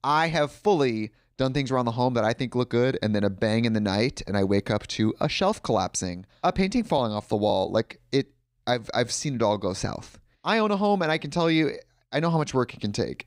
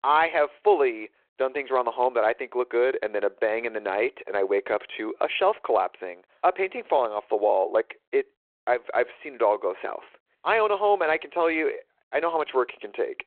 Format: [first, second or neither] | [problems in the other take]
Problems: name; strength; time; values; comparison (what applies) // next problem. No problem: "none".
first | phone-call audio